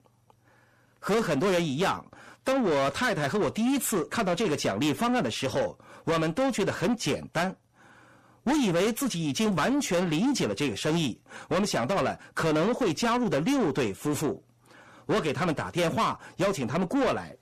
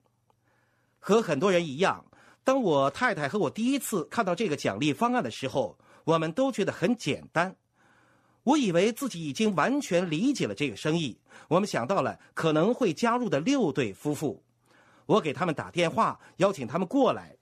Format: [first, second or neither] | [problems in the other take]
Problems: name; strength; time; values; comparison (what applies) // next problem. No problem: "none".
second | distortion; heavy; 7 dB below the speech